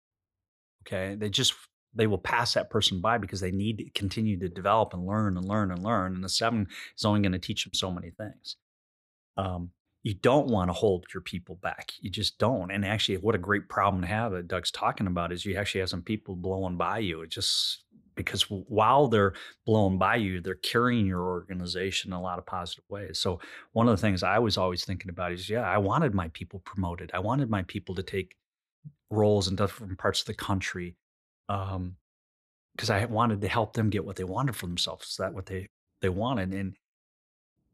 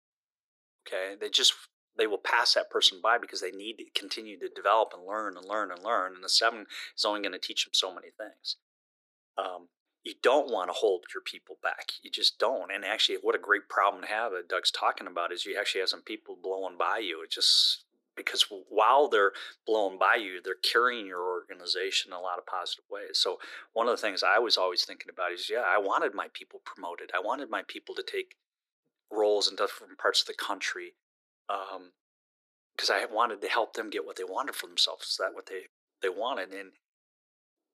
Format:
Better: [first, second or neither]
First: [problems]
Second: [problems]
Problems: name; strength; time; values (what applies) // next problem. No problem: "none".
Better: first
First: none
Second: thin; very; fading below 350 Hz